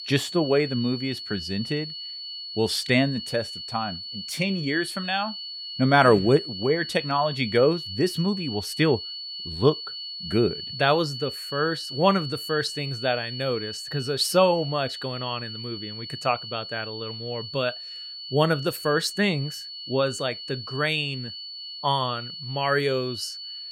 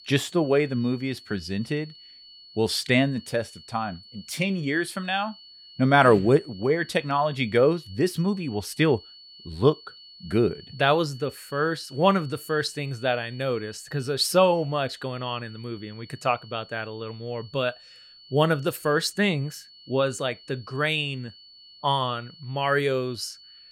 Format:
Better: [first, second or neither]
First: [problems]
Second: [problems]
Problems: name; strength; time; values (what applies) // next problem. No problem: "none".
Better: second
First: high-pitched whine; loud; throughout; 4.5 kHz, 8 dB below the speech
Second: high-pitched whine; faint; throughout; 4.5 kHz, 20 dB below the speech